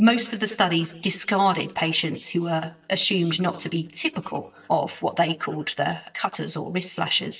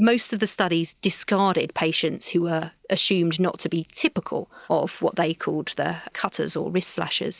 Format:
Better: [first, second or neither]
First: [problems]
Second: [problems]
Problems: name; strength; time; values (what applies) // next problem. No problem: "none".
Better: second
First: noise reduction (neural mask model DeepFilterNet 3)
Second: none